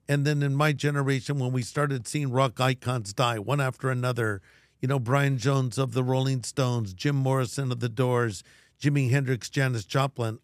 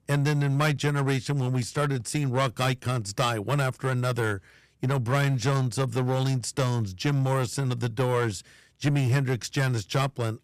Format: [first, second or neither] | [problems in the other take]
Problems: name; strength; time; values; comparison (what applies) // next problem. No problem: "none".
first | distortion; slight; 8% of the sound clipped